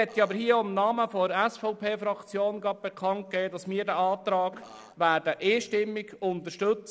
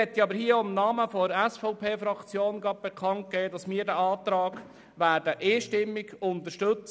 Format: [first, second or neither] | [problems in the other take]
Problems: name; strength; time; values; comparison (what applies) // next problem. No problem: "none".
second | noise reduction (neural separator model SepFormer DNS4)